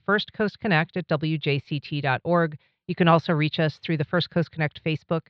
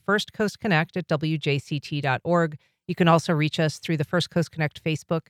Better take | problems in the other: second | muffled; very slightly; fading above 4 kHz

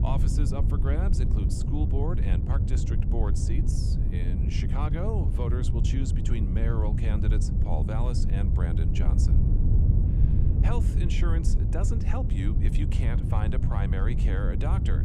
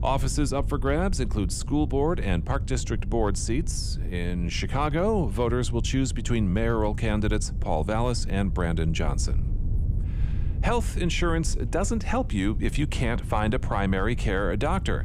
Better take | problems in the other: second | wind noise on the microphone; heavy; 2 dB below the speech; occasional gusts in the second

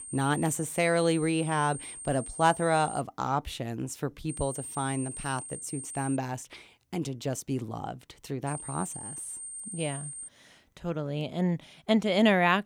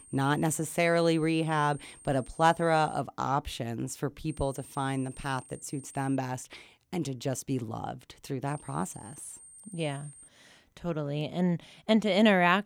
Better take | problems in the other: second | high-pitched whine; loud; until 3 s, from 4.5 to 6 s and from 8.5 to 10 s; 8.5 kHz, 9 dB below the speech; faint in the second

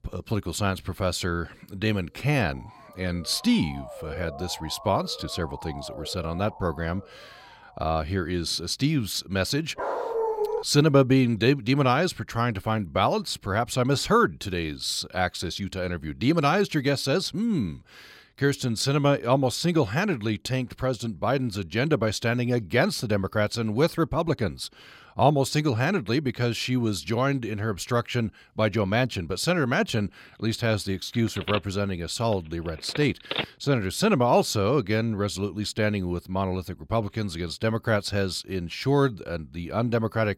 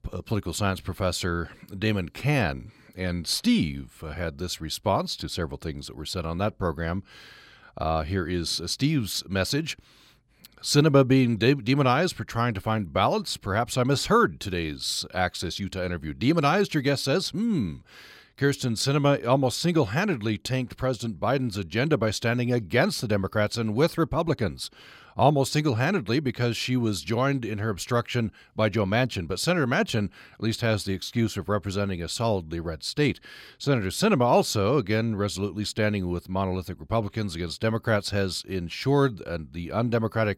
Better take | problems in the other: second | siren; faint; from 2 to 8 s; peak 15 dB below the speech // dog barking; noticeable; at 10 s; peak 1 dB below the speech // phone ringing; noticeable; from 31 to 33 s; peak 4 dB below the speech

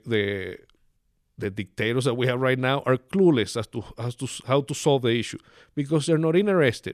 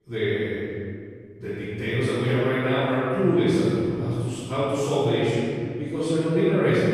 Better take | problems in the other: first | off-mic speech; far // room echo; strong; dies away in 2.3 s

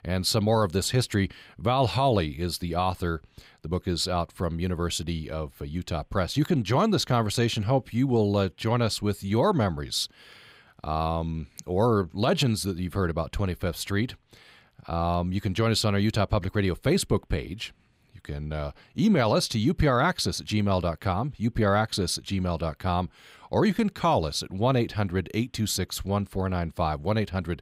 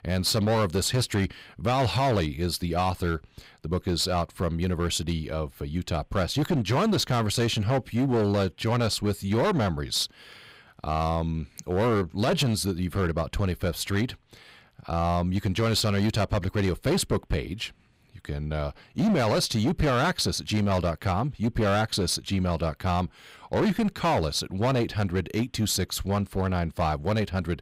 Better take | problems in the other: first | distortion; slight; 11% of the sound clipped

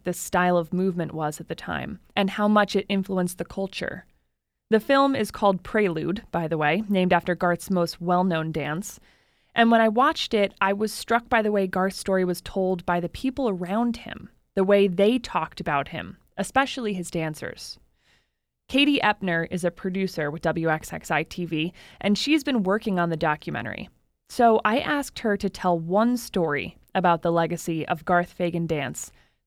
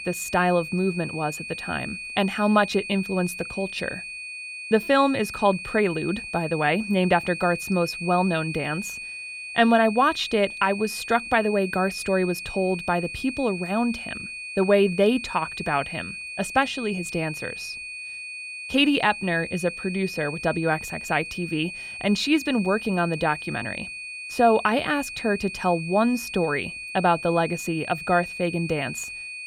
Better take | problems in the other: first | high-pitched whine; loud; throughout; 2.5 kHz, 9 dB below the speech

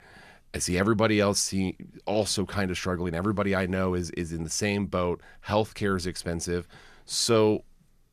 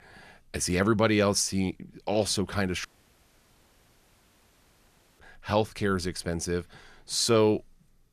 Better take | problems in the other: first | audio cutting out; at 3 s for 2.5 s

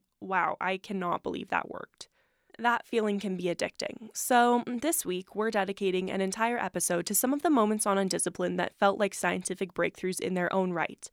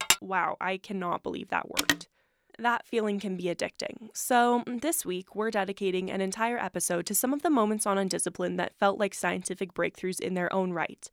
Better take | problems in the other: first | clattering dishes; loud; at the start; peak 4 dB above the speech // phone ringing; loud; at 2 s; peak 2 dB above the speech

